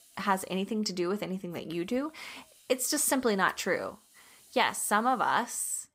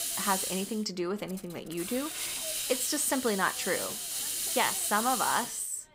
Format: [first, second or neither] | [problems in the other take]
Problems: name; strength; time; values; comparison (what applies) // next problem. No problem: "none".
first | hiss; loud; throughout; 1 dB below the speech; faint in the first